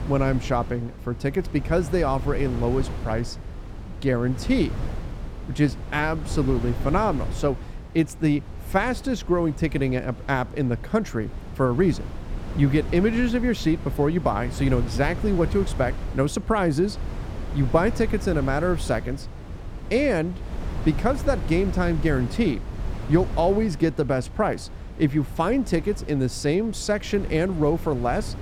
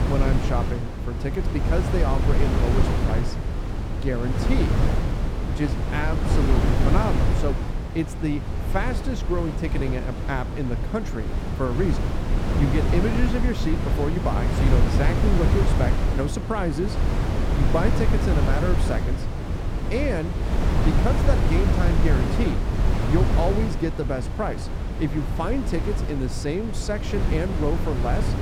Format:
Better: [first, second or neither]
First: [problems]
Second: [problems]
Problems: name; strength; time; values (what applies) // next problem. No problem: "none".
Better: first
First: wind noise on the microphone; occasional gusts; 15 dB below the speech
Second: wind noise on the microphone; heavy; 2 dB below the speech